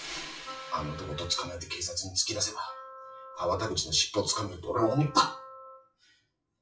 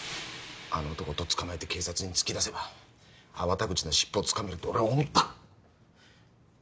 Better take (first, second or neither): second